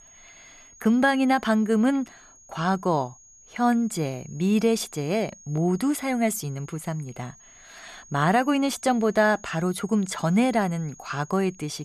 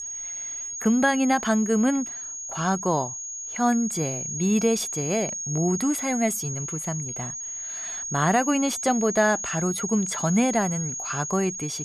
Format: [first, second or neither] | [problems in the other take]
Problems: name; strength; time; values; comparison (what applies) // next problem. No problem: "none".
first | high-pitched whine; loud; throughout; 6.5 kHz, 5 dB below the speech; faint in the first